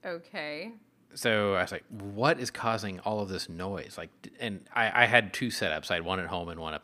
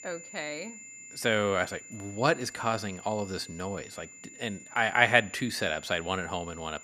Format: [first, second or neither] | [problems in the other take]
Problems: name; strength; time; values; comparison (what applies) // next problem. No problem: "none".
first | high-pitched whine; noticeable; throughout; 7 kHz, 15 dB below the speech